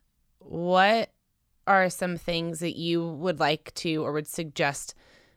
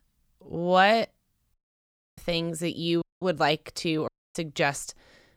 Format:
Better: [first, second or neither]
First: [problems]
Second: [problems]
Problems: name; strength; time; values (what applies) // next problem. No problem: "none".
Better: first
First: none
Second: audio cutting out; at 1.5 s for 0.5 s, at 3 s and at 4 s